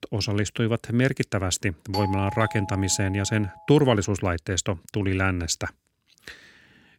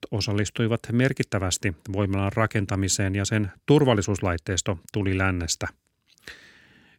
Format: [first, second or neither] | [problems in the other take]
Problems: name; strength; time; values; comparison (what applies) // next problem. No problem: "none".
second | doorbell; noticeable; from 2 to 3.5 s; peak 6 dB below the speech